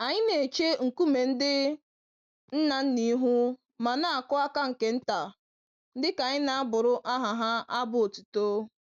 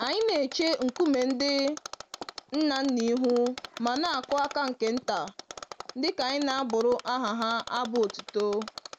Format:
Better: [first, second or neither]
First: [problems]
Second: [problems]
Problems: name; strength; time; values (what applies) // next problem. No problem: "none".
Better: first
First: none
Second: background sound (Mechanisms); 15 dB below the speech